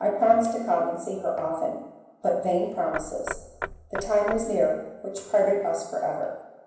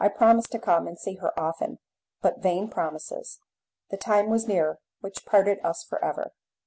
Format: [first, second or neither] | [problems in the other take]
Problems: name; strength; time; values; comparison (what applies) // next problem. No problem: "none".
second | background sound (Knock / Wood); 11 dB below the speech // room echo; dies away in 0.9 s